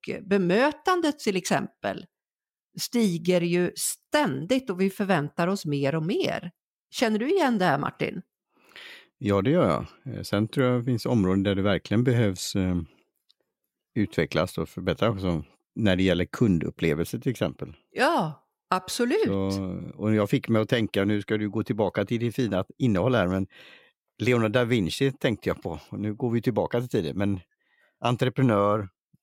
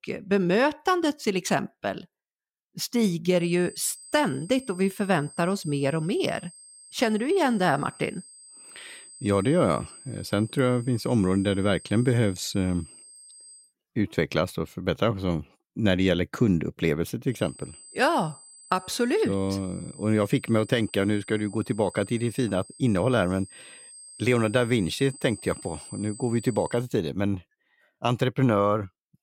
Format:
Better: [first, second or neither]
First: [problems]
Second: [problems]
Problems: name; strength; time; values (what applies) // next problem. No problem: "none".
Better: first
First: none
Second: high-pitched whine; noticeable; from 3.5 to 14 s and from 17 to 27 s; 8 kHz, 20 dB below the speech